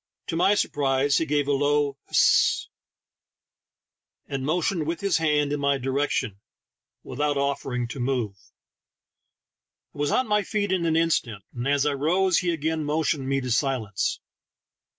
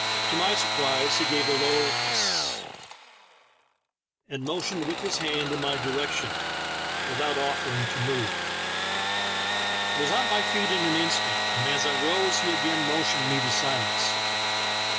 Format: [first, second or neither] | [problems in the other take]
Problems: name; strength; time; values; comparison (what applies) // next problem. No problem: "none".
first | background sound (Sawing / Engine); 3 dB above the speech